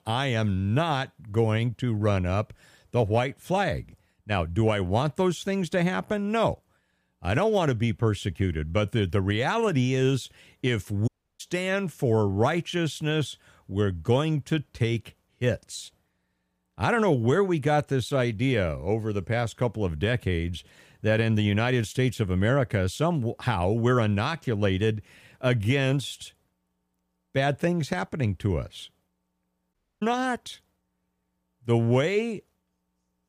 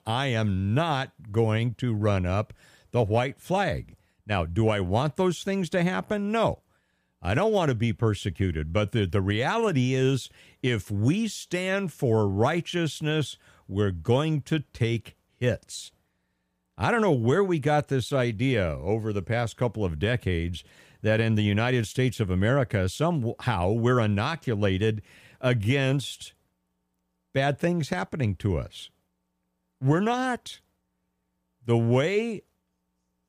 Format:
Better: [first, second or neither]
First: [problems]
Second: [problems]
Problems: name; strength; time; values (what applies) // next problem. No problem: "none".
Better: second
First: audio cutting out; at 11 s and at 30 s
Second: none